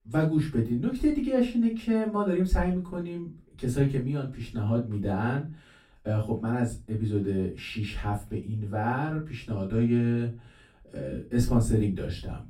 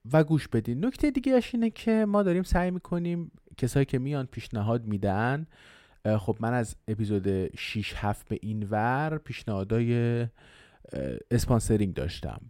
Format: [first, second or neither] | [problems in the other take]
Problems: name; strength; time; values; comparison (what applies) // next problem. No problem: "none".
second | off-mic speech; far // room echo; slight; dies away in 0.2 s